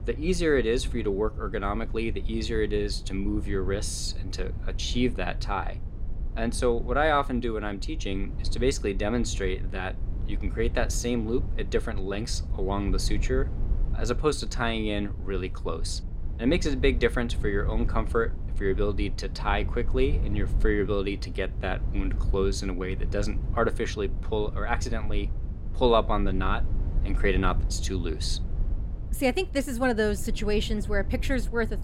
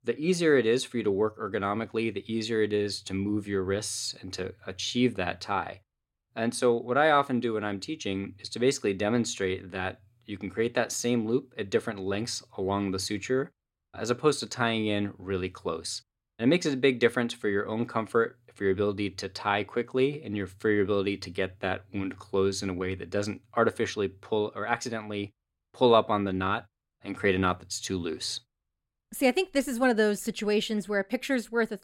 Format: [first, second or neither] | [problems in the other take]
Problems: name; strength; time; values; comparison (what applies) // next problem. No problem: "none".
second | low rumble; noticeable; throughout; 20 dB below the speech